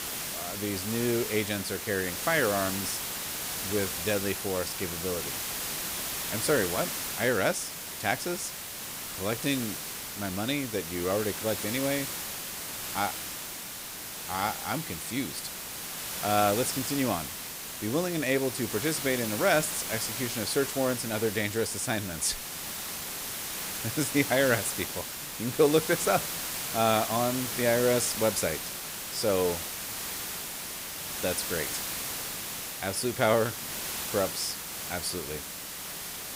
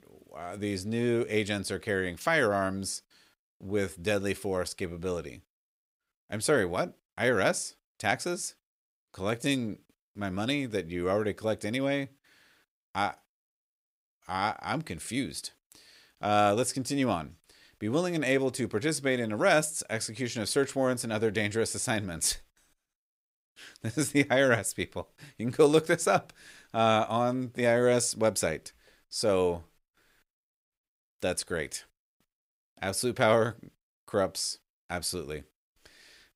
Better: second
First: hiss; loud; throughout; 4 dB below the speech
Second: none

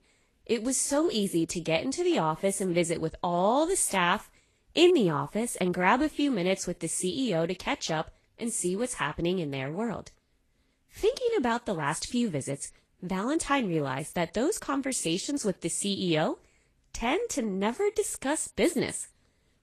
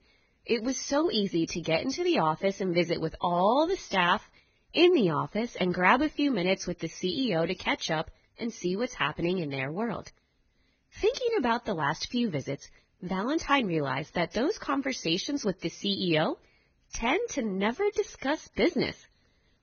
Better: first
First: garbled, watery; slightly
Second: garbled, watery; badly; nothing above 6.5 kHz

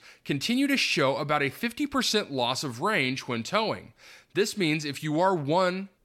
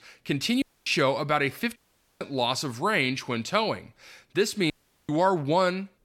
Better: first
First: none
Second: audio cutting out; at 0.5 s, at 2 s and at 4.5 s

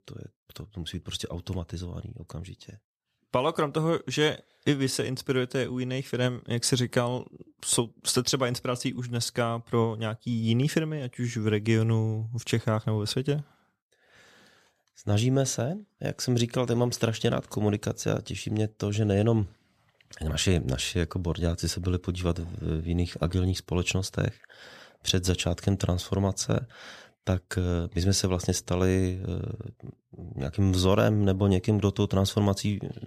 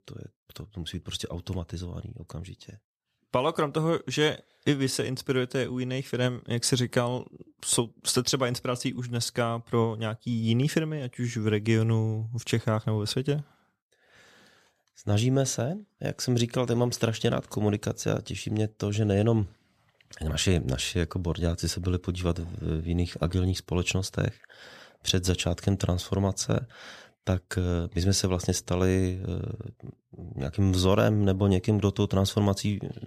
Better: neither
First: none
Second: none

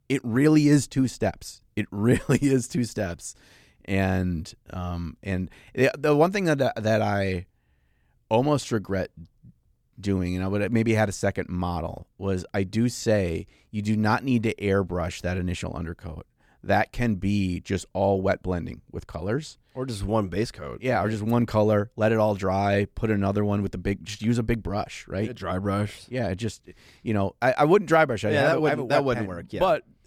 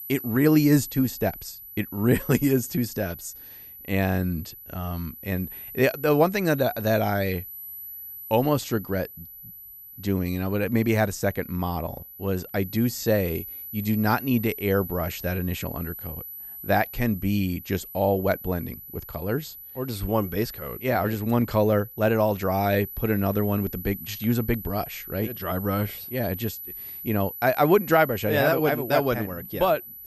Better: first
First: none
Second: high-pitched whine; noticeable; throughout; 12 kHz, 10 dB below the speech

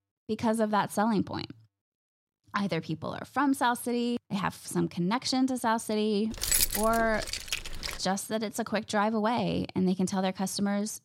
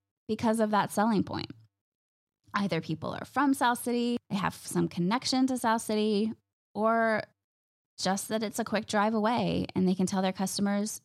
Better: second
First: jangling keys; loud; from 6.5 to 8 s; peak 5 dB above the speech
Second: none

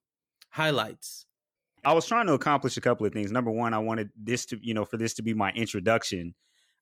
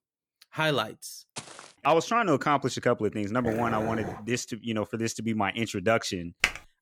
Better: first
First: none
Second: footsteps; faint; at 1.5 s; peak 15 dB below the speech // dog barking; noticeable; at 3.5 s; peak 7 dB below the speech // keyboard typing; loud; at 6.5 s; peak level with the speech

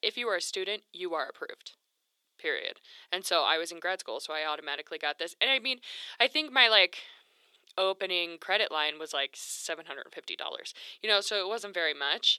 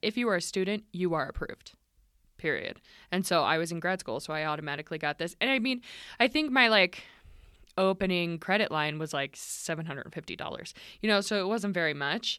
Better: second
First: thin; very; fading below 400 Hz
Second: none

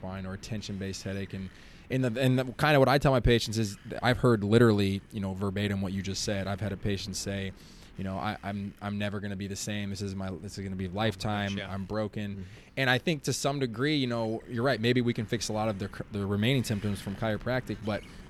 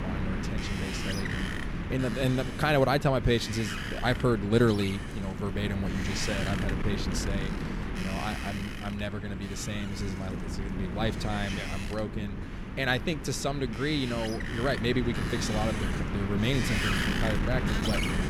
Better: first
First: wind noise on the microphone; occasional gusts; 25 dB below the speech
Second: wind noise on the microphone; heavy; 4 dB below the speech

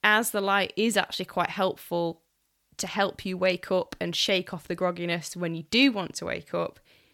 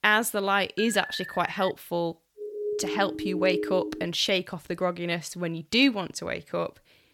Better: first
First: none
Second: alarm; faint; at 1 s; peak 10 dB below the speech // siren; noticeable; from 2.5 to 4 s; peak 2 dB below the speech

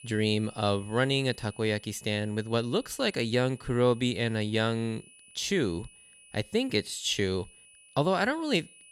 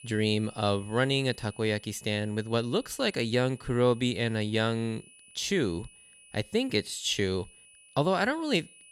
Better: neither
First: high-pitched whine; faint; throughout; 10 kHz, 25 dB below the speech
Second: high-pitched whine; faint; throughout; 10 kHz, 25 dB below the speech

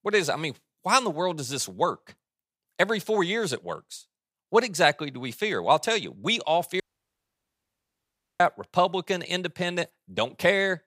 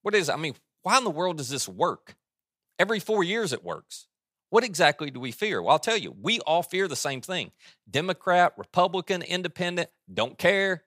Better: second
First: audio cutting out; at 7 s for 1.5 s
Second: none

